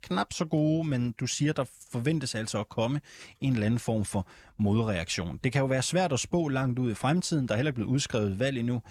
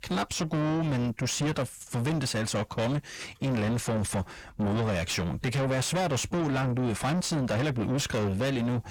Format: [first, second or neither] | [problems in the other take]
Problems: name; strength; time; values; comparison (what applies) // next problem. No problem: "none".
first | distortion; heavy; 7 dB below the speech